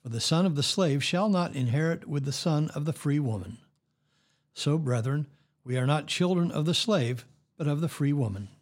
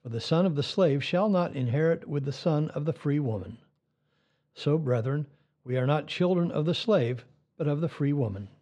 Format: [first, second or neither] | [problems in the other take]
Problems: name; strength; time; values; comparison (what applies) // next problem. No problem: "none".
first | muffled; slightly; fading above 3.5 kHz